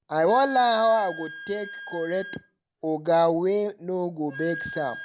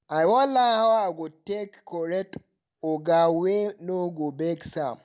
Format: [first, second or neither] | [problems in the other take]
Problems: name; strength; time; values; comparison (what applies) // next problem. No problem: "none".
second | background sound (Wind instrument, woodwind instrument); 14 dB below the speech